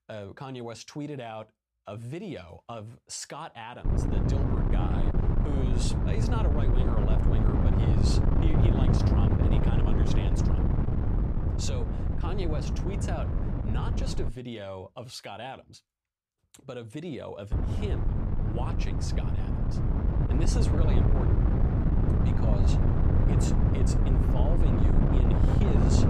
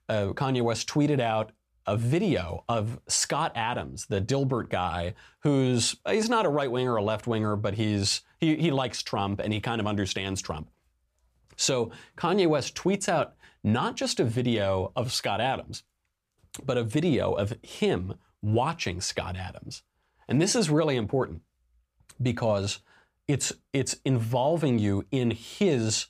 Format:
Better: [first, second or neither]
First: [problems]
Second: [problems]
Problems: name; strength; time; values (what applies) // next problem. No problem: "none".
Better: second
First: wind noise on the microphone; heavy; from 4 to 14 s and from 18 s on; 3 dB above the speech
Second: none